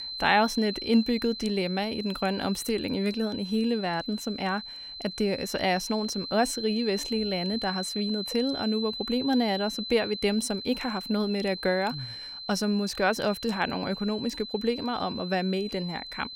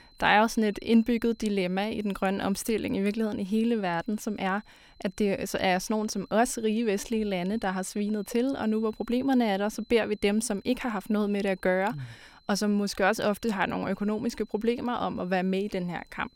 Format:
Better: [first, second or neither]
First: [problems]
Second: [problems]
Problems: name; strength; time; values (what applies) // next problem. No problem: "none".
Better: second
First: high-pitched whine; loud; throughout; 4 kHz, 7 dB below the speech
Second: high-pitched whine; faint; throughout; 4 kHz, 30 dB below the speech